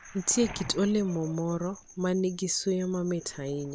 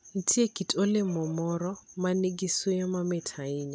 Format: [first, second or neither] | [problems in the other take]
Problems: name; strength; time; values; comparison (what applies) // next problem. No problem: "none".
second | background sound (Waves, surf); 18 dB below the speech